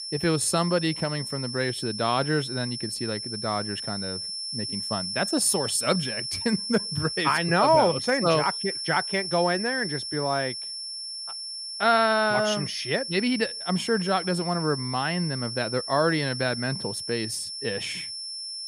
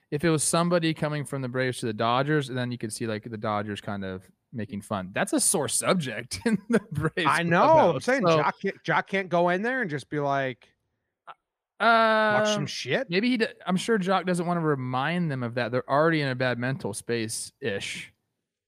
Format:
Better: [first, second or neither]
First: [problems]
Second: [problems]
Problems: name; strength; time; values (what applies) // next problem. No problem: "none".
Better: second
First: high-pitched whine; loud; throughout; 5.5 kHz, 5 dB below the speech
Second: none